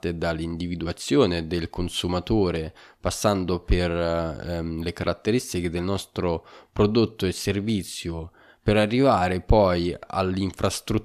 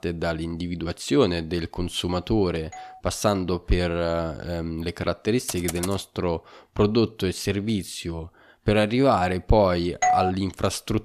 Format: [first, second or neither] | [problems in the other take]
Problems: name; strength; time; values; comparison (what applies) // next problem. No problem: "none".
first | doorbell; faint; at 2.5 s; peak 15 dB below the speech // keyboard typing; noticeable; at 5.5 s; peak 7 dB below the speech // doorbell; loud; at 10 s; peak 3 dB above the speech